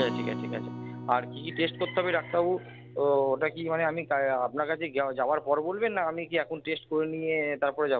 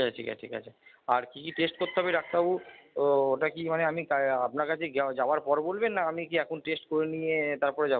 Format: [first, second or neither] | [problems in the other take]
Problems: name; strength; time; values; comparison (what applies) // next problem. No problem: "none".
second | background sound (Acoustic guitar); 13 dB below the speech